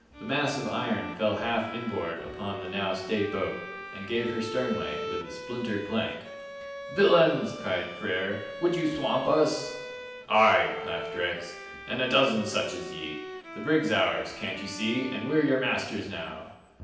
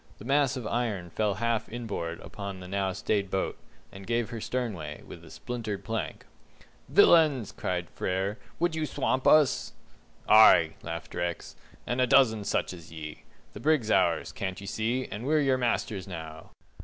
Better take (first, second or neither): second